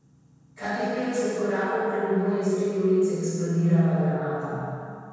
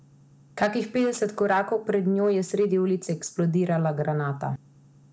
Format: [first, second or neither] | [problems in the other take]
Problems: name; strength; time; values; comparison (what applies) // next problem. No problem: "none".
second | room echo; dies away in 2.1 s